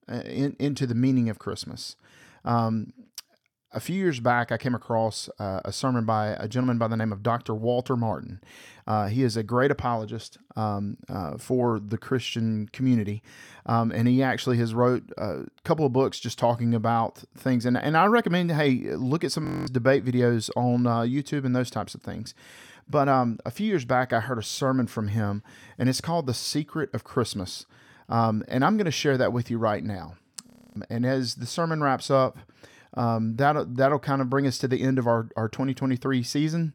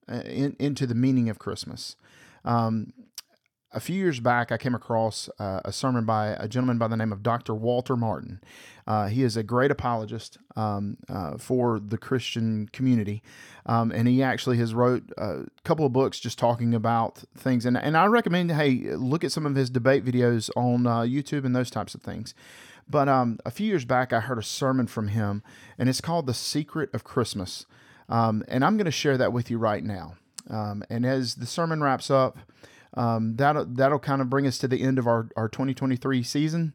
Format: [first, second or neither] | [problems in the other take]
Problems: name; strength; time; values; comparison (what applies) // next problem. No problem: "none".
second | audio freezing; at 19 s and at 30 s